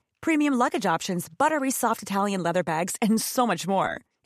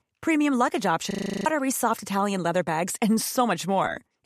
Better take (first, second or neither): first